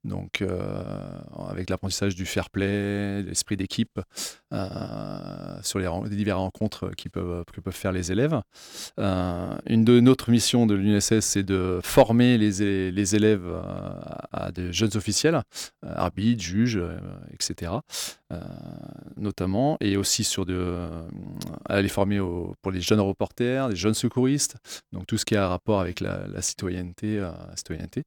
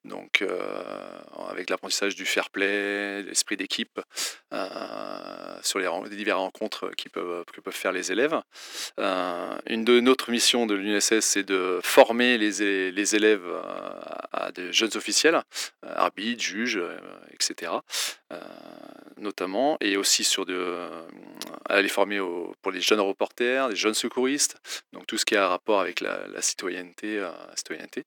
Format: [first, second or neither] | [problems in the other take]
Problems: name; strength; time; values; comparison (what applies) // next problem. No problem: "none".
first | thin; somewhat; fading below 300 Hz